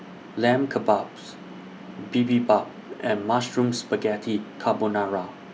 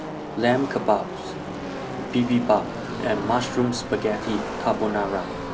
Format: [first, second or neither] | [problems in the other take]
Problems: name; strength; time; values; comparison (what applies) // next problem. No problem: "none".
first | background sound (Car passing by / Race car, auto racing); 7 dB below the speech